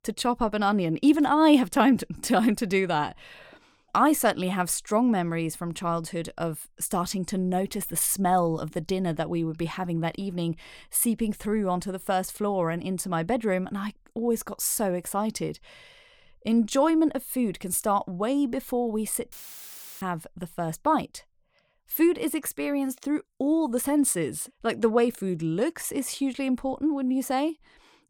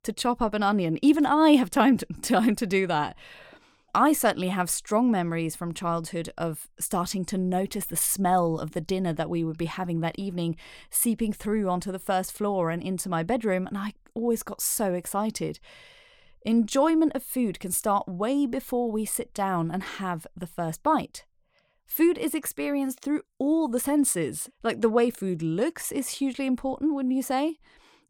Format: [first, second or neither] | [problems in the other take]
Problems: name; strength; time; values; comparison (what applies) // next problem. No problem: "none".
second | audio cutting out; filled with static; at 19 s for 0.5 s